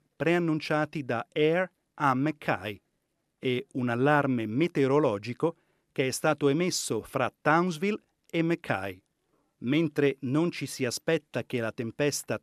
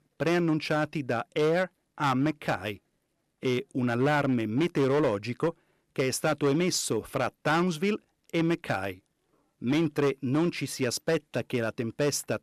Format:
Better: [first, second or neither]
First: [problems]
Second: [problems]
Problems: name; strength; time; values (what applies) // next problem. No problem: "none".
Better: first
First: none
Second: distortion; slight; 7% of the sound clipped